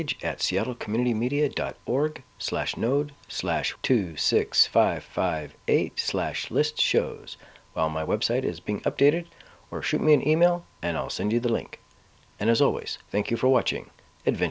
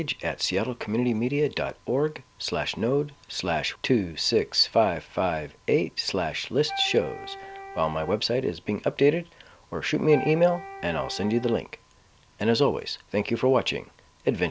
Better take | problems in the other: first | background sound (Wind instrument, woodwind instrument); 14 dB below the speech

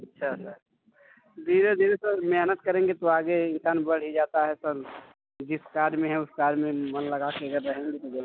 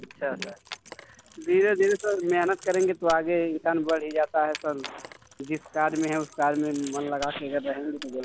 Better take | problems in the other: first | background sound (Keys jangling); 19 dB below the speech

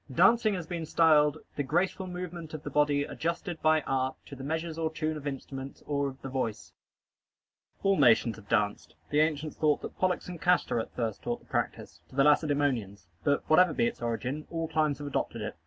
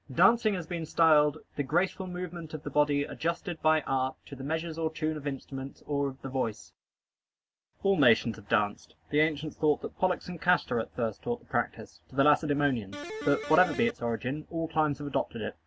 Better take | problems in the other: first | background sound (Electric guitar); 8 dB below the speech

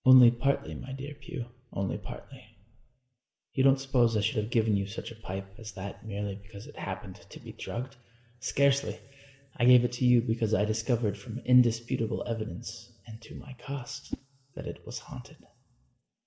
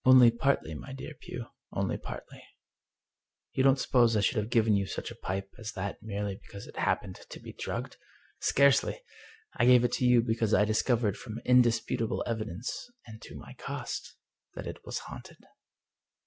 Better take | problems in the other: second | background sound (Whoosh, swoosh, swish); 17 dB below the speech // room echo; dies away in 1.5 s

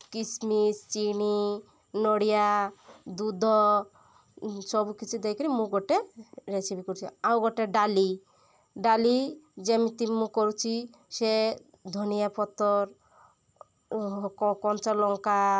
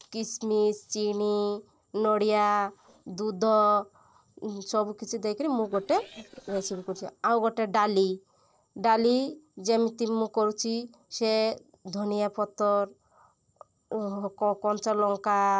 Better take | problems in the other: first | noise reduction (neural separator model SepFormer DNS4)

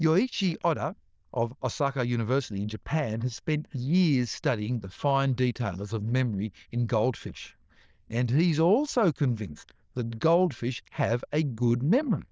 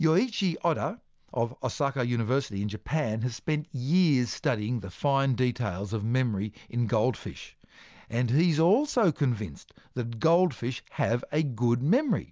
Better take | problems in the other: second | noise reduction (neural diffusion model UNIVERSE++)

